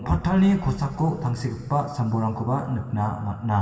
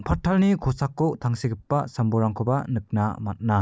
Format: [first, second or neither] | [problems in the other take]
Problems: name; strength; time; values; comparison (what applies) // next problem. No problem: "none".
second | room echo; dies away in 2.6 s